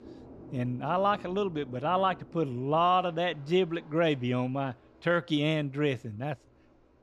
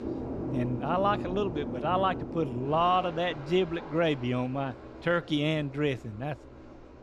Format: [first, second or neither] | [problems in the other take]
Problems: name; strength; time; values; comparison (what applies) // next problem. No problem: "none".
first | train or aircraft noise; loud; throughout; 9 dB below the speech; faint in the first